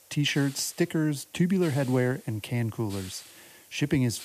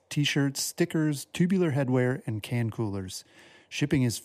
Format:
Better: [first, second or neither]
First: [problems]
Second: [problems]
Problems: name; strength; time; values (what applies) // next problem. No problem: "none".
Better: second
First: hiss; noticeable; throughout; 20 dB below the speech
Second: none